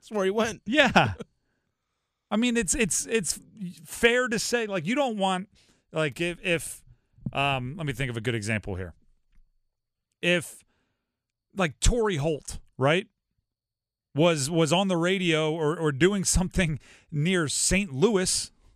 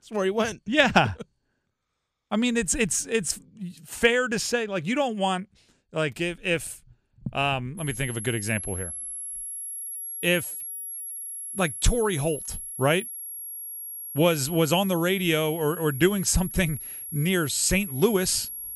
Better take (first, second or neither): first